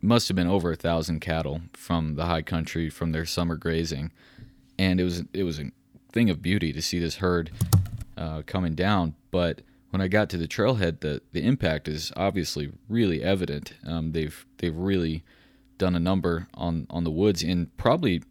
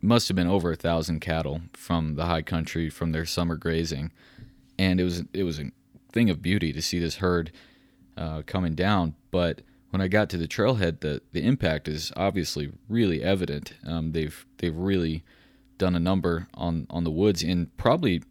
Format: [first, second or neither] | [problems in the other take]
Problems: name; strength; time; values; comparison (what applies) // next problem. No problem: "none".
second | keyboard typing; loud; at 7.5 s; peak 3 dB above the speech